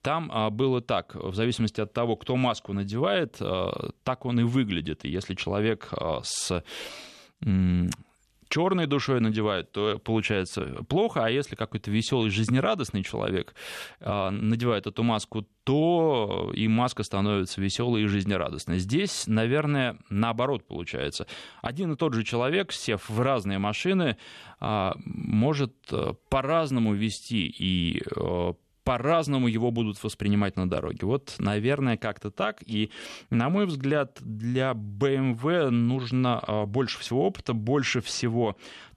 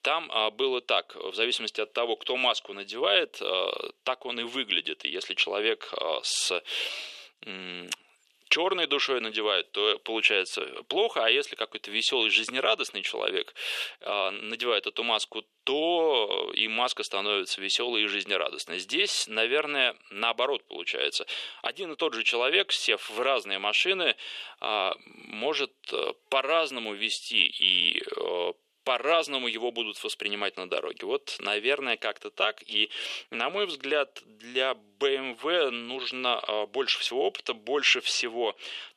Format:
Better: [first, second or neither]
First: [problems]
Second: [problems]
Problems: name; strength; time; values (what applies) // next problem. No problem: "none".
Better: first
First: none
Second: thin; very; fading below 400 Hz